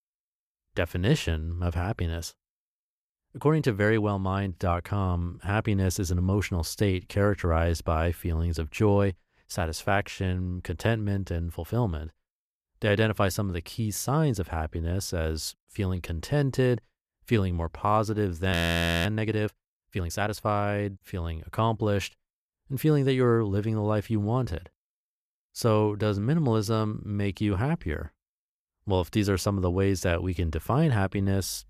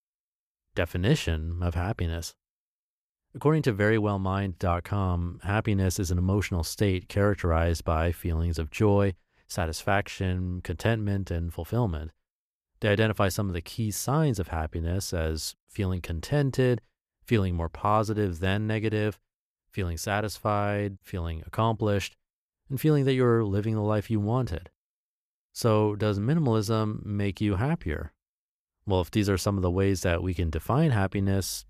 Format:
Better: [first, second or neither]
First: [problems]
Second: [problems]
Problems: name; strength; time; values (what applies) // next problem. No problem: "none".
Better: second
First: audio freezing; at 19 s for 0.5 s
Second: none